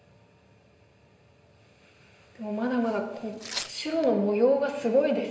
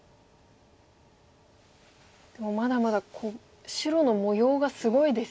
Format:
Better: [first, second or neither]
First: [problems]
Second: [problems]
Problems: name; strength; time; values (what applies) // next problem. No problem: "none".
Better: second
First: background sound (Tearing); 11 dB below the speech // room echo; dies away in 0.9 s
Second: none